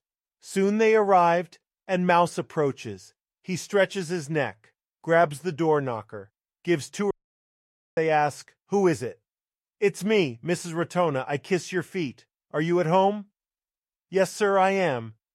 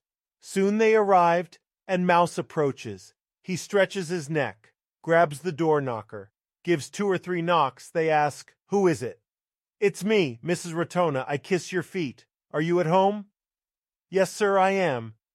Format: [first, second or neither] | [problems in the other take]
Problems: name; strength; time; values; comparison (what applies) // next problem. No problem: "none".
second | audio cutting out; at 7 s for 1 s